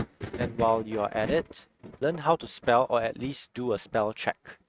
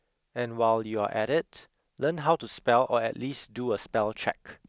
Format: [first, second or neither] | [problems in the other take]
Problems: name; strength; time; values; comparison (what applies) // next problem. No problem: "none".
second | noise reduction (neural mask model RNNoise)